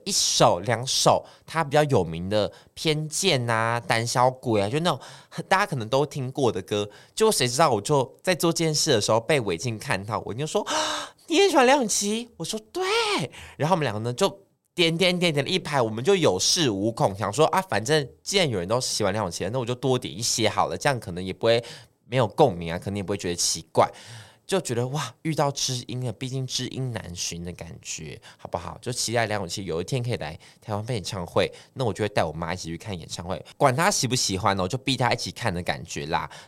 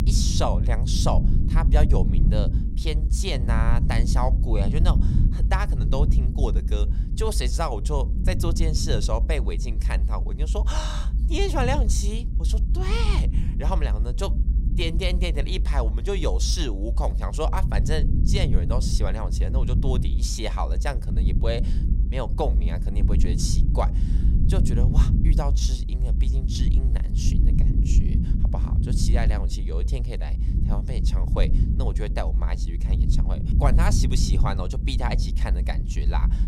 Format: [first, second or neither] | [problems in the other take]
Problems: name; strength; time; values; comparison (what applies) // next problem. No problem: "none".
first | low rumble; loud; throughout; 8 dB below the speech